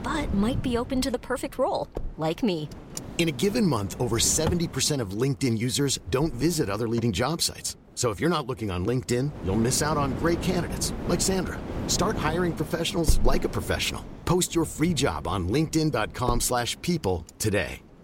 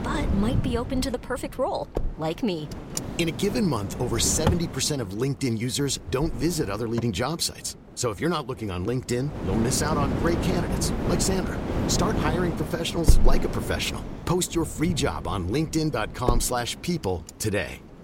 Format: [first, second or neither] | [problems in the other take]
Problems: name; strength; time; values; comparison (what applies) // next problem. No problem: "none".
first | wind noise on the microphone; heavy; 6 dB below the speech; occasional gusts in the first